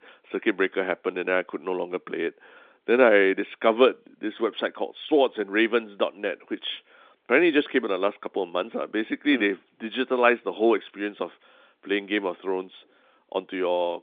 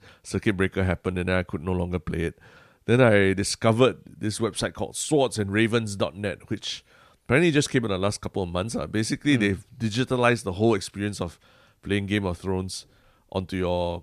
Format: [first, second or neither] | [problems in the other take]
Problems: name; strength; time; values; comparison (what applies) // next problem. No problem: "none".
second | phone-call audio; nothing above 3.5 kHz